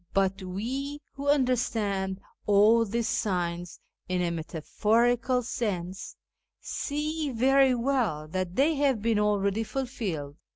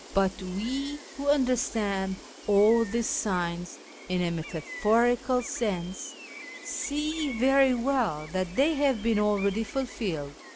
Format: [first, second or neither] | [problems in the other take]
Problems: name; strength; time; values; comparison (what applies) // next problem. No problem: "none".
first | background sound (Gull, seagull); 17 dB below the speech